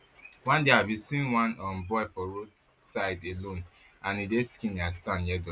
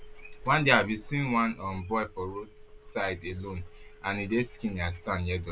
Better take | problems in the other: first | background sound (Telephone); 16 dB below the speech

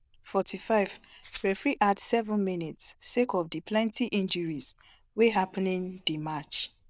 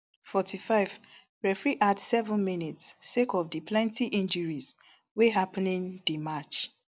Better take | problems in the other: second | noise reduction (neural diffusion model UNIVERSE++)

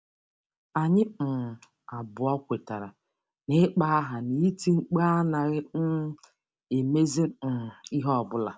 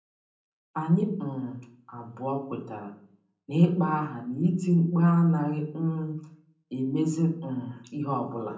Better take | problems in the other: first | room echo; dies away in 0.6 s

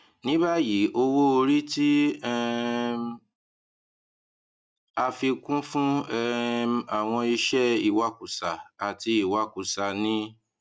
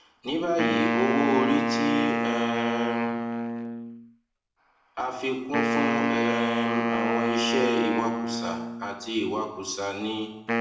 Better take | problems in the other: first | background sound (Wind instrument, woodwind instrument); 1 dB above the speech // room echo; dies away in 0.8 s

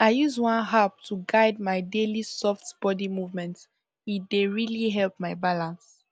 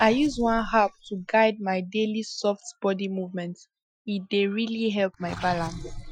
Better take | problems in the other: first | noise reduction (classical method Wiener filter)

